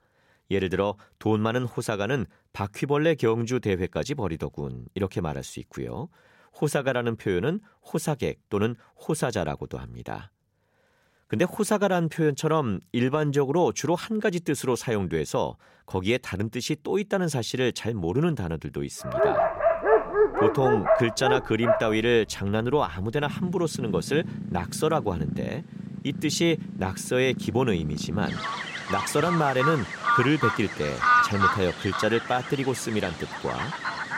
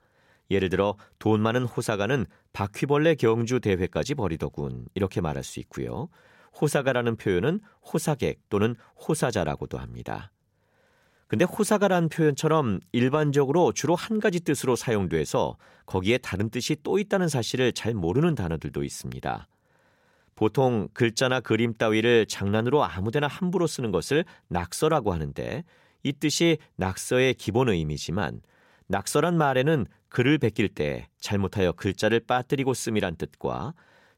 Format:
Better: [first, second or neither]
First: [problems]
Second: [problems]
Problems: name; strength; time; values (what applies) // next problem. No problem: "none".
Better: second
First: animal sounds; loud; from 19 s on; as loud as the speech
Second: none